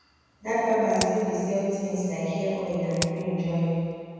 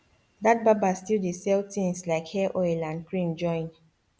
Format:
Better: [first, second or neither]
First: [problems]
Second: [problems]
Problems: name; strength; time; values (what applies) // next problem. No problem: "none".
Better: second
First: background sound (Crack); 14 dB below the speech // room echo; dies away in 2.1 s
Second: none